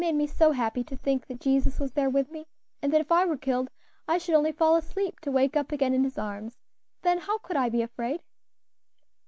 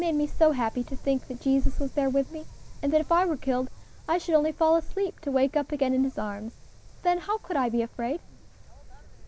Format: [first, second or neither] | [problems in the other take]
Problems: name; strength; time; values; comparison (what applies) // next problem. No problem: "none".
first | background sound (Wind); 17 dB below the speech